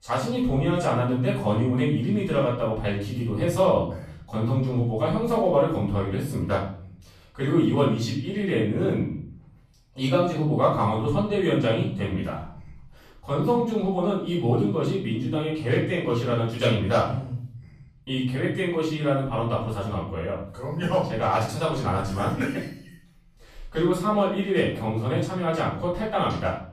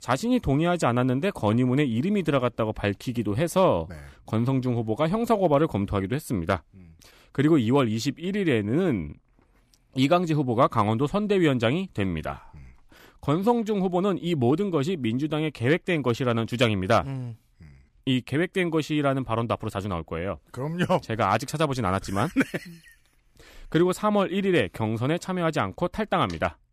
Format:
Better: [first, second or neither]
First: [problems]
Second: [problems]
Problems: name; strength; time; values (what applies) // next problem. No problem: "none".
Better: second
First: off-mic speech; far // room echo; noticeable; dies away in 0.6 s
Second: none